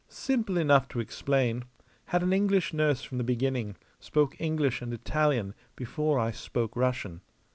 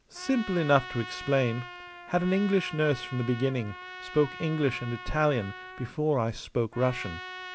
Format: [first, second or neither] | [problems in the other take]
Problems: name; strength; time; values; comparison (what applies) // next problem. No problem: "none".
first | background sound (Trumpet); 14 dB below the speech